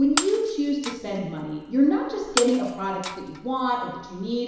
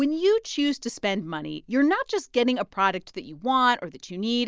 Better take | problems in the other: second | background sound (Shatter); 9 dB below the speech // room echo; dies away in 1 s

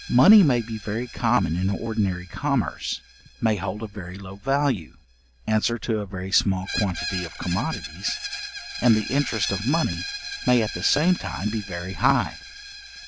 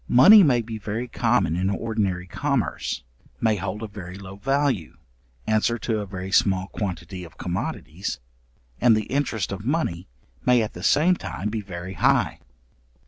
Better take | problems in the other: second | background sound (Screech); 12 dB below the speech

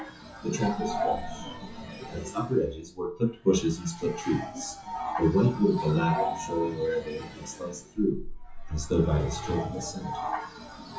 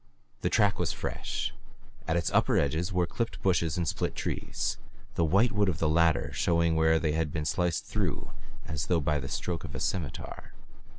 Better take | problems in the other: second | noise reduction (classical method WPE with log-MMSE)

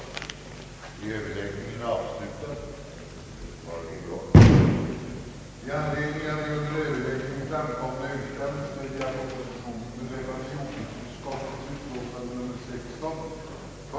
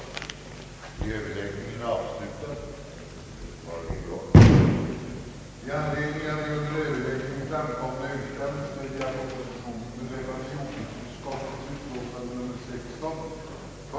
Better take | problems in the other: first | background sound (Knock); 16 dB below the speech

